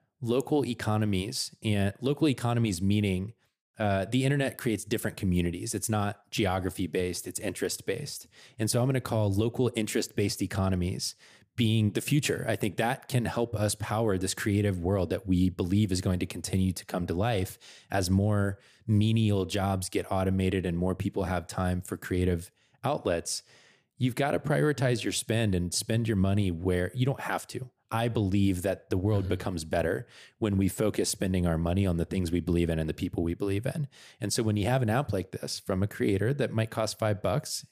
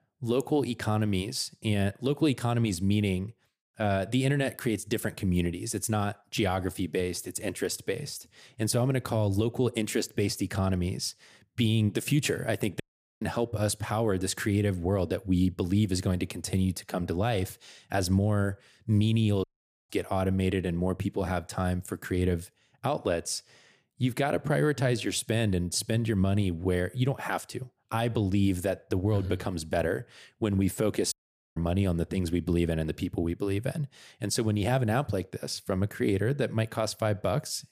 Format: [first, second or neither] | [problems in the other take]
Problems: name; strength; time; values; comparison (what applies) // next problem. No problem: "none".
first | audio cutting out; at 13 s, at 19 s and at 31 s